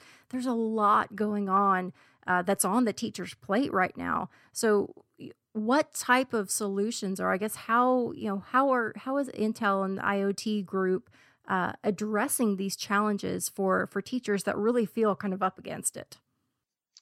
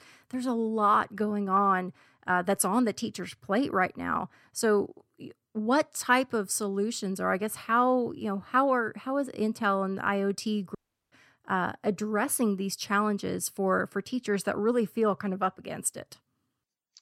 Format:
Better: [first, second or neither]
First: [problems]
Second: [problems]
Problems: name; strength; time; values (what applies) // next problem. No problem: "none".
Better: first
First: none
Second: audio cutting out; at 11 s